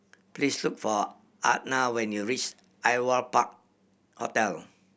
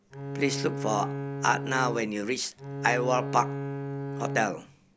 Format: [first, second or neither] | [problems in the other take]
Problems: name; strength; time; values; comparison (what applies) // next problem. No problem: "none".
first | background sound (Bowed string instrument); 5 dB below the speech